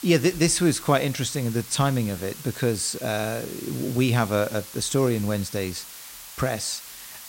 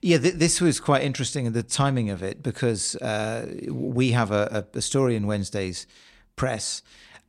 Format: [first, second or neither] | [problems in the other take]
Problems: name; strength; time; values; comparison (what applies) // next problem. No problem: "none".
second | hiss; noticeable; throughout; 15 dB below the speech